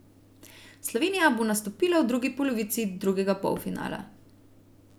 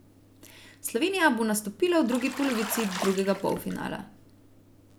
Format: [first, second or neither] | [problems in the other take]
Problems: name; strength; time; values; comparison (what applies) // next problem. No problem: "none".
first | background sound (Bathtub (filling or washing)); 10 dB below the speech